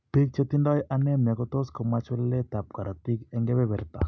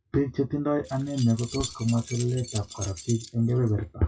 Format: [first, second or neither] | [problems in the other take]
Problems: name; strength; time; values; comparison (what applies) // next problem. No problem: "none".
first | noise reduction (classical method WPE with log-MMSE)